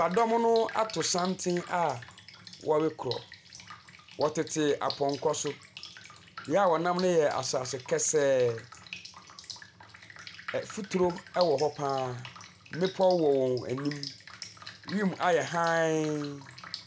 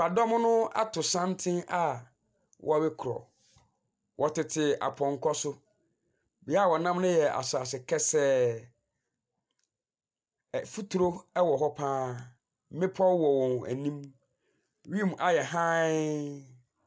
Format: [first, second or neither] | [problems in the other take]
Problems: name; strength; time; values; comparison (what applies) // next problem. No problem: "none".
second | background sound (Drip); 16 dB below the speech